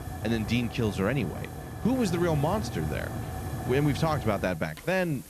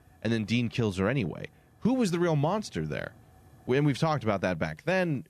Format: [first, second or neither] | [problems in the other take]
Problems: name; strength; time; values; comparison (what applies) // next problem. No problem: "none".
second | hiss; loud; throughout; 8 dB below the speech; faint in the second